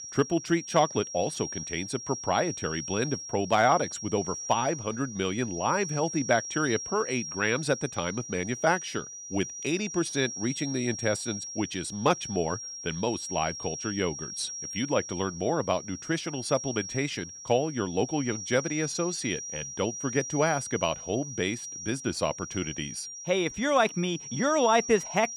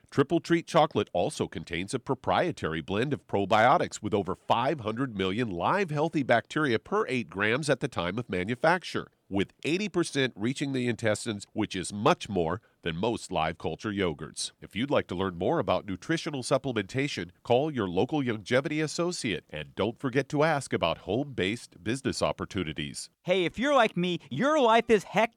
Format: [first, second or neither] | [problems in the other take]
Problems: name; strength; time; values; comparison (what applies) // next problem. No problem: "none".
second | high-pitched whine; loud; throughout; 5.5 kHz, 8 dB below the speech